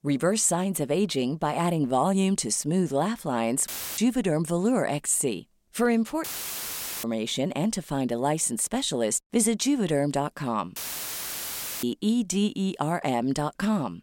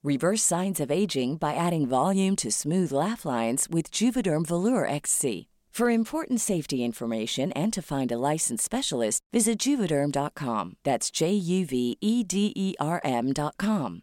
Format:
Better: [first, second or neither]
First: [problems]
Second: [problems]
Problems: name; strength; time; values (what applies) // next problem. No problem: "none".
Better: second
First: audio cutting out; filled with static; at 3.5 s, at 6 s for 1 s and at 11 s for 1 s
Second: none